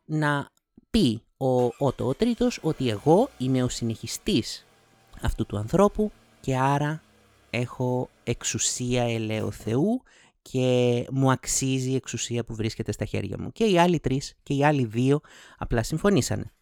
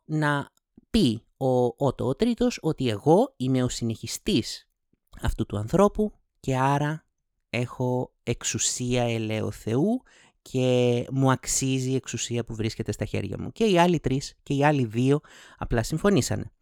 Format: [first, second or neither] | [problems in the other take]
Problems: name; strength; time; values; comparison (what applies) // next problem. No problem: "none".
second | traffic noise; faint; throughout; 30 dB below the speech